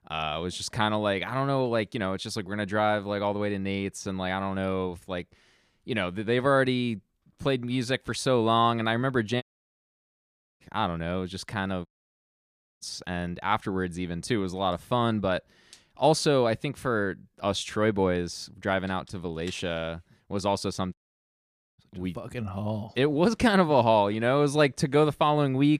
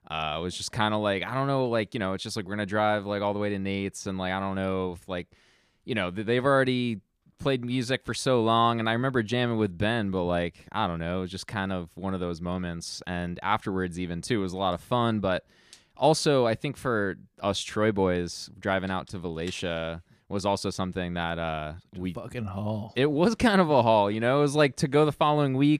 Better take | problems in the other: second | audio cutting out; at 9.5 s for 1 s, at 12 s for 1 s and at 21 s for 1 s

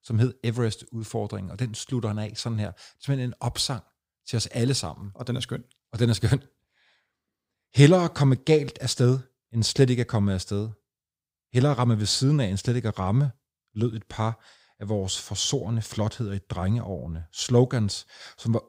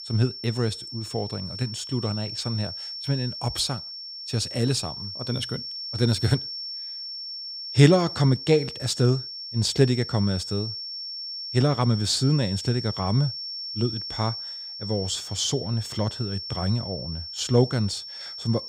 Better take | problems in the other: first | high-pitched whine; loud; throughout; 5.5 kHz, 7 dB below the speech

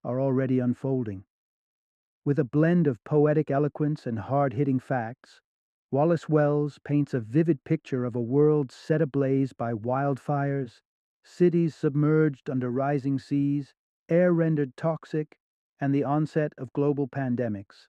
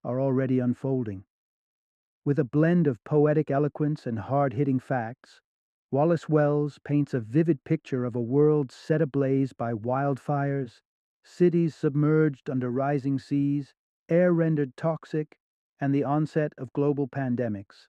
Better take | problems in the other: neither | muffled; slightly; fading above 2.5 kHz; the same in both

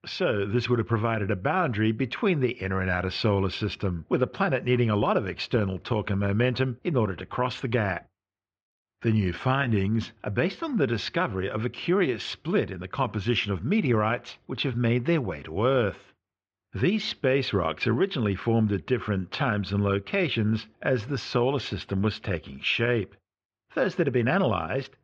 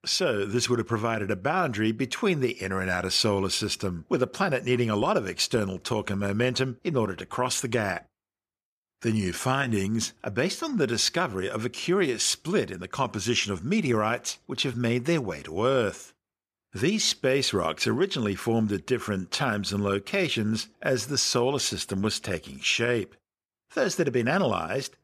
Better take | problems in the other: second | muffled; slightly; fading above 3.5 kHz

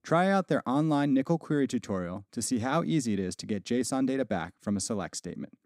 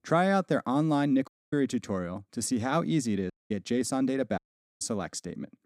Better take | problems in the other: first | audio cutting out; at 1.5 s, at 3.5 s and at 4.5 s

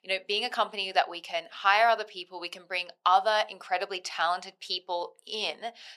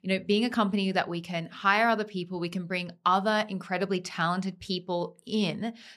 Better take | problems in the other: second | thin; very; fading below 500 Hz

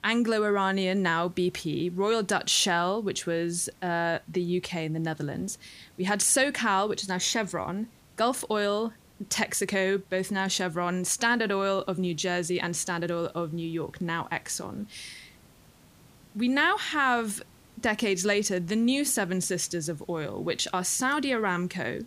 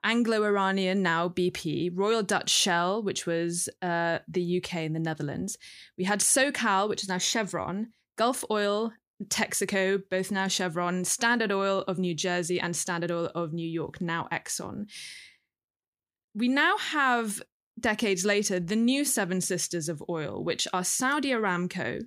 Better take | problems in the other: second | hiss; faint; throughout; 30 dB below the speech

